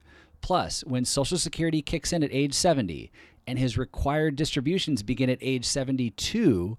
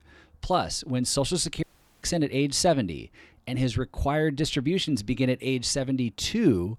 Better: first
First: none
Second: audio cutting out; at 1.5 s

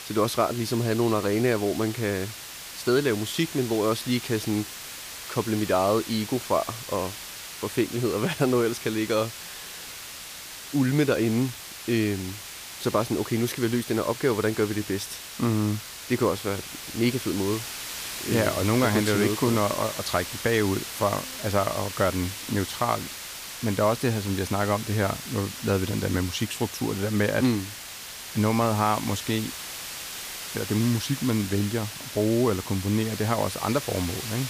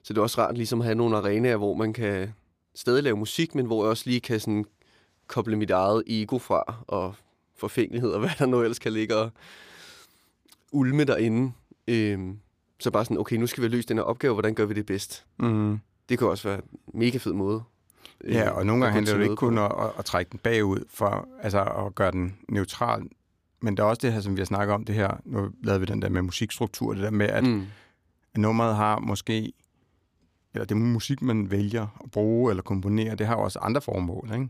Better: second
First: hiss; loud; throughout; 9 dB below the speech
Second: none

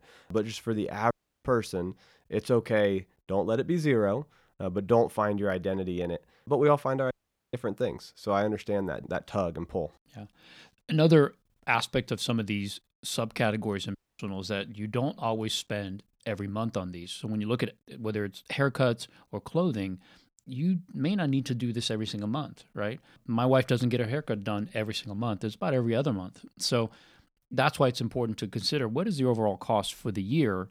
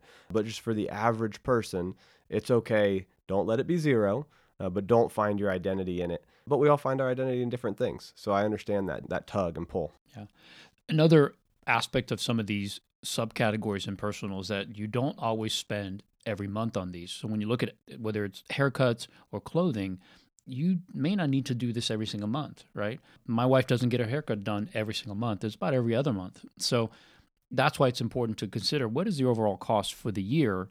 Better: second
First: audio cutting out; at 1 s, at 7 s and at 14 s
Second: none

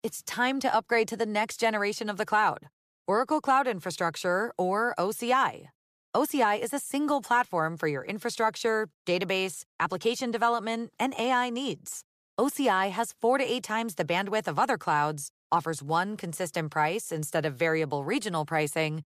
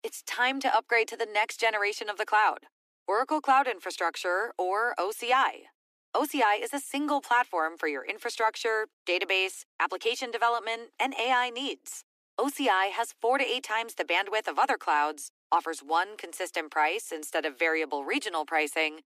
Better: first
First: none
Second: thin; very slightly; fading below 250 Hz

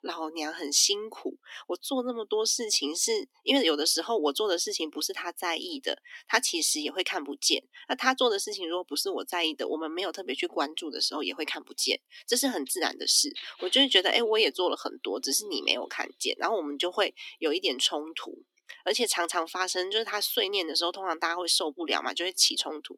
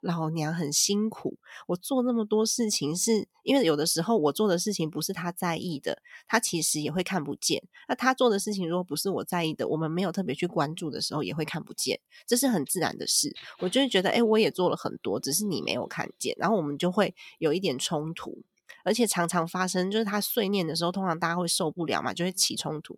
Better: second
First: thin; very slightly; fading below 250 Hz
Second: none

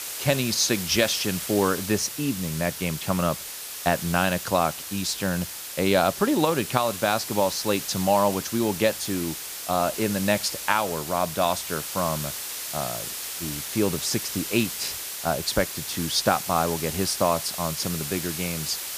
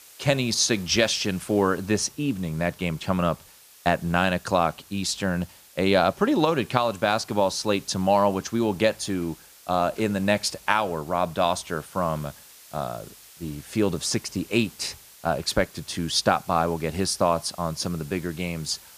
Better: second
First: hiss; loud; throughout; 6 dB below the speech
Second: hiss; faint; throughout; 20 dB below the speech

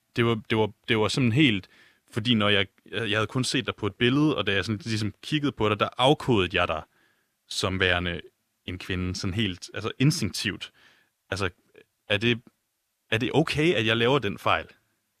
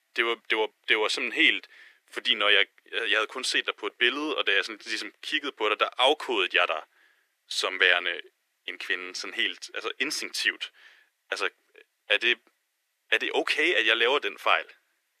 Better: first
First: none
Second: thin; very; fading below 350 Hz

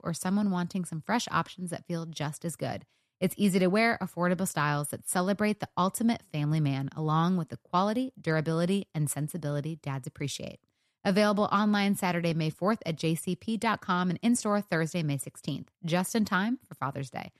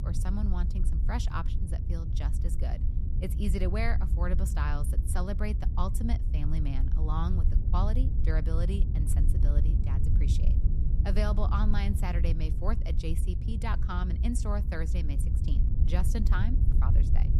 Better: first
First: none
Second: low rumble; loud; throughout; 7 dB below the speech

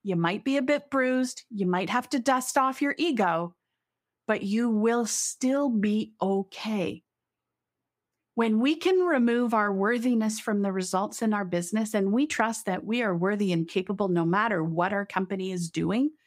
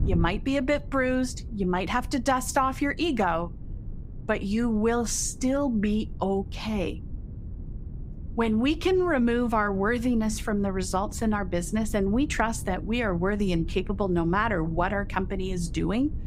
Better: first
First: none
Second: wind noise on the microphone; occasional gusts; 25 dB below the speech

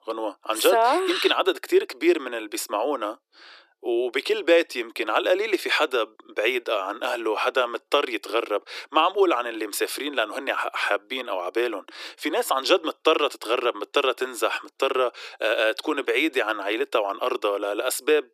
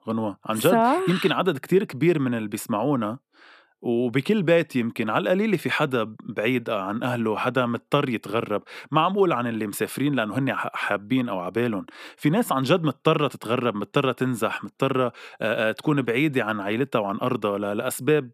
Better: second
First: thin; very; fading below 350 Hz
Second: none

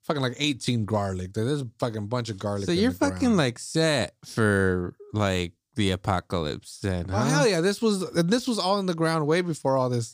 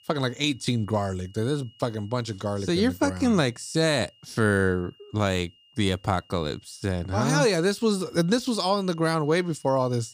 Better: first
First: none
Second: high-pitched whine; faint; throughout; 3 kHz, 30 dB below the speech

